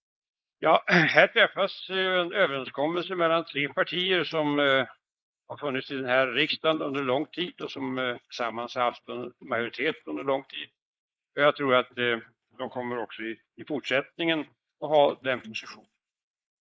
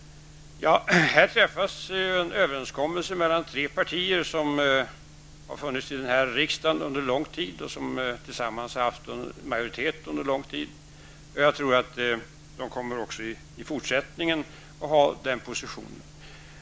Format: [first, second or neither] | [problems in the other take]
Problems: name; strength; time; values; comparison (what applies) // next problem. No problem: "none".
second | noise reduction (neural mask model Resemble Enhance denoiser)